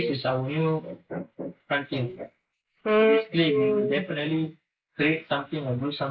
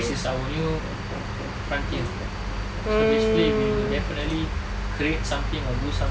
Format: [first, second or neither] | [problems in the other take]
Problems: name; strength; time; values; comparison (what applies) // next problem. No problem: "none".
second | noise reduction (neural mask model Resemble Enhance denoiser)